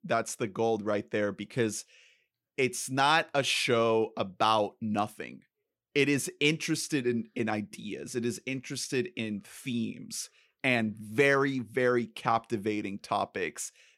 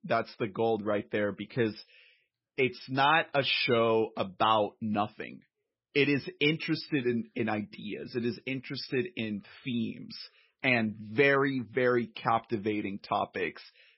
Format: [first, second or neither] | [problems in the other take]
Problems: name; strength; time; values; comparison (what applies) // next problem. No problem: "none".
first | garbled, watery; badly; nothing above 5.5 kHz